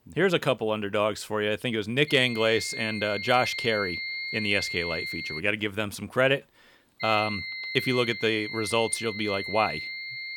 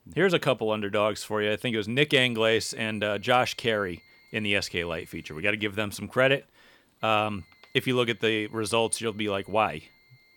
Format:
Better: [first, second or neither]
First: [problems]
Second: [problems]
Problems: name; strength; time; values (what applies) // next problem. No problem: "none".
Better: second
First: high-pitched whine; loud; from 2 to 5.5 s and from 7 s on; 2 kHz, 6 dB below the speech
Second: high-pitched whine; faint; from 2 to 5.5 s and from 7 s on; 2 kHz, 30 dB below the speech